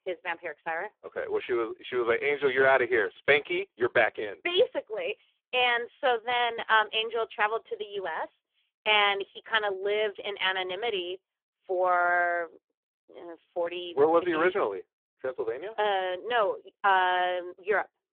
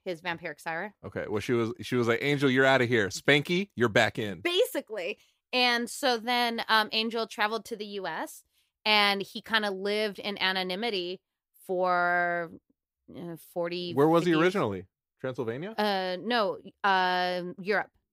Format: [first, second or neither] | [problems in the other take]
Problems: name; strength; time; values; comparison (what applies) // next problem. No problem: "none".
second | phone-call audio; poor line; nothing above 3.5 kHz